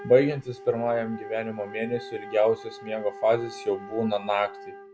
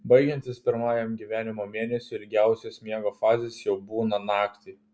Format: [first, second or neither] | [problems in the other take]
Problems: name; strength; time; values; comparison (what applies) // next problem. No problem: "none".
second | background sound (Wind instrument, woodwind instrument); 15 dB below the speech